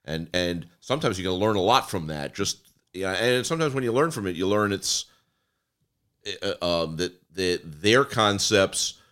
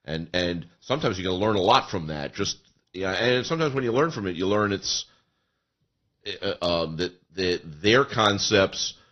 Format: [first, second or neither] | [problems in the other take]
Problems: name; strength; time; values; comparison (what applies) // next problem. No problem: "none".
first | garbled, watery; slightly; nothing above 6 kHz